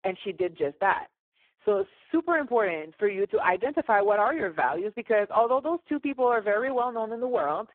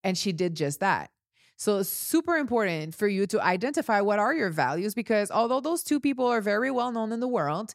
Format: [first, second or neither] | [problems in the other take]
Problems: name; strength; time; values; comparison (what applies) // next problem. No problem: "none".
second | phone-call audio; poor line